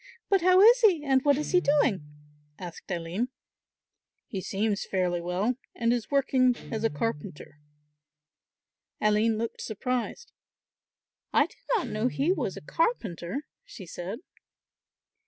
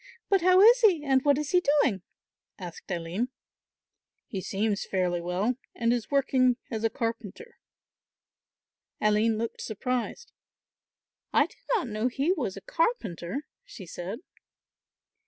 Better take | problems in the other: second | background sound (Guitar); 18 dB below the speech

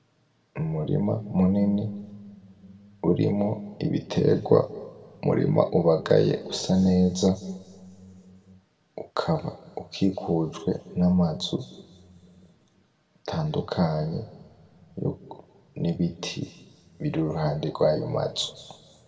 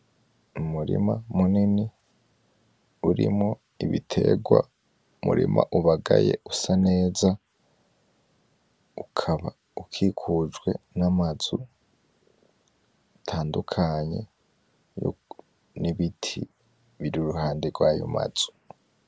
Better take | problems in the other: second | room echo; dies away in 1.4 s

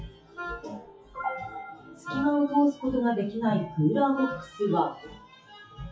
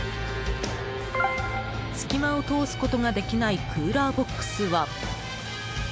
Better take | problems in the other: second | noise reduction (classical method WPE with log-MMSE)

